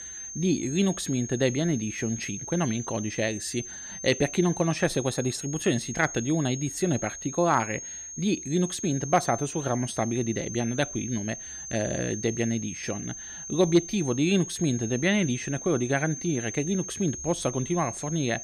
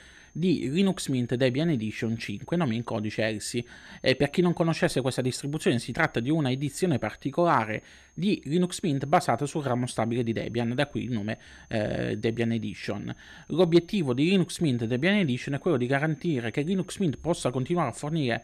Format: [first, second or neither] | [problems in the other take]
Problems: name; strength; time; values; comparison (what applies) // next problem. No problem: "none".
second | high-pitched whine; loud; throughout; 6.5 kHz, 8 dB below the speech; faint in the second